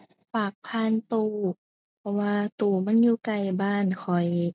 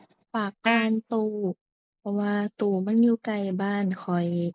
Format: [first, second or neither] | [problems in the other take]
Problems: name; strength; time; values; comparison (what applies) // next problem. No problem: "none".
first | noise reduction (neural mask model Resemble Enhance denoiser)